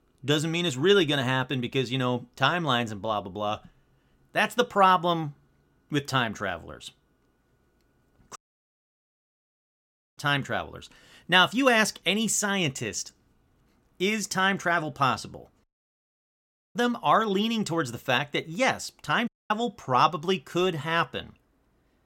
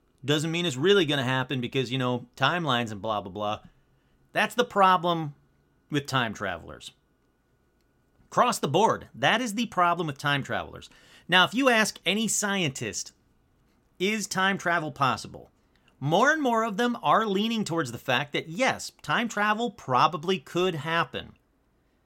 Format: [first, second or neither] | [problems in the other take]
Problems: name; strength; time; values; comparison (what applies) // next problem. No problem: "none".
second | audio cutting out; at 8.5 s for 2 s, at 16 s for 1 s and at 19 s